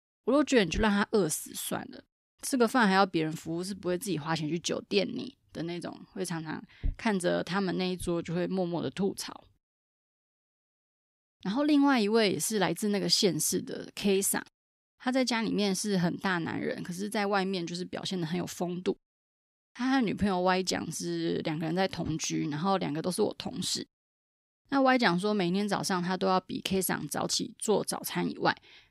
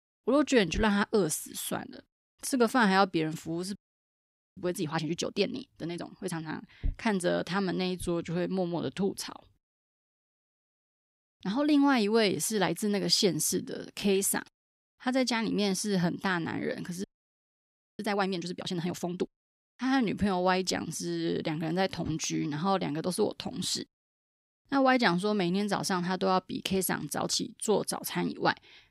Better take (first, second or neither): first